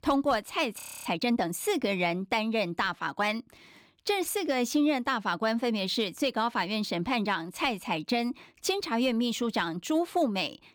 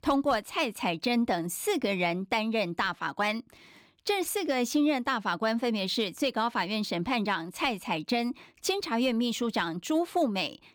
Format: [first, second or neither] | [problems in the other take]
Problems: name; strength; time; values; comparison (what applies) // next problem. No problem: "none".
second | audio freezing; at 1 s